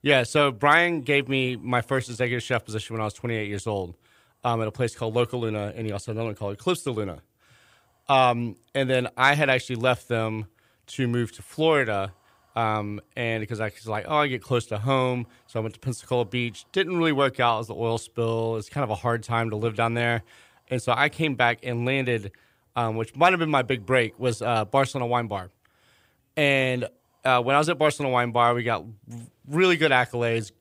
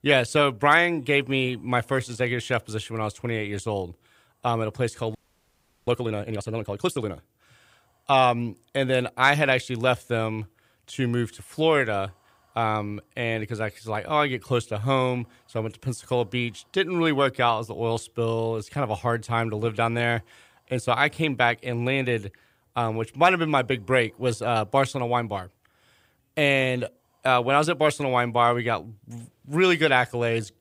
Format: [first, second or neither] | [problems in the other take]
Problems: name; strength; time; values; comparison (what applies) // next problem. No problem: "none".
first | audio freezing; at 5 s for 0.5 s